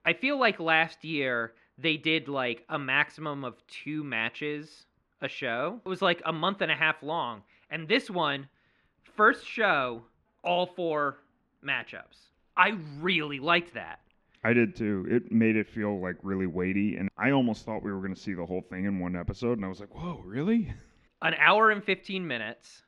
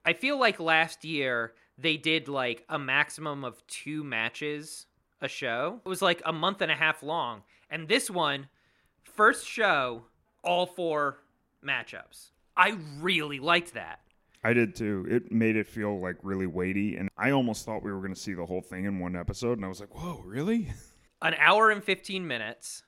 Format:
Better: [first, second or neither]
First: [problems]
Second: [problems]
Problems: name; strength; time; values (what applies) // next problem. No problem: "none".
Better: second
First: muffled; very slightly; fading above 3 kHz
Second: none